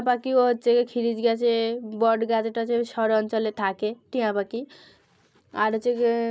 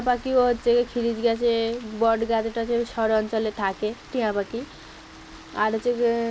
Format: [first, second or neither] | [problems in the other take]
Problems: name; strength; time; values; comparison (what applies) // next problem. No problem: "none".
first | background sound (Rain); 19 dB below the speech